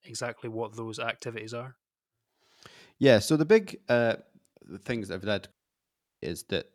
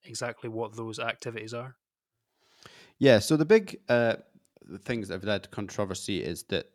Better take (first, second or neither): second